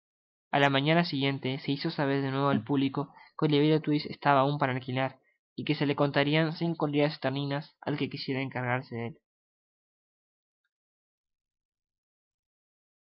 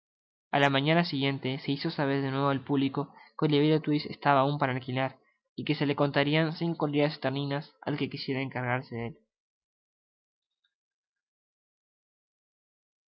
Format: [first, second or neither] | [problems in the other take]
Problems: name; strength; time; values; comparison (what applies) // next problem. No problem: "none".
second | noise reduction (neural mask model Resemble Enhance denoiser)